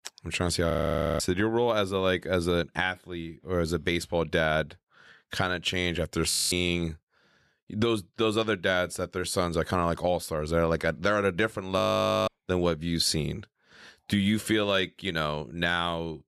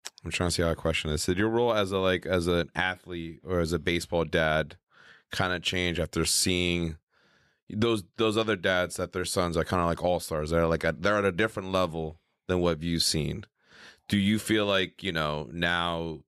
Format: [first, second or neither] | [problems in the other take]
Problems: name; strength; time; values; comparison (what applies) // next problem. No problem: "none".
second | audio freezing; at 0.5 s, at 6.5 s and at 12 s